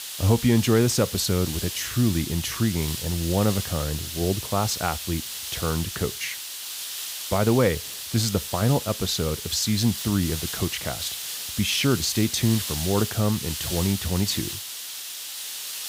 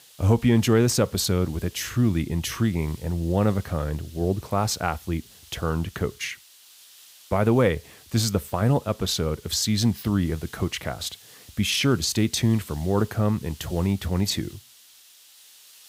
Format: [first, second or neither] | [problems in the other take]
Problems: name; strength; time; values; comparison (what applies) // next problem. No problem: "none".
second | hiss; loud; throughout; 6 dB below the speech; faint in the second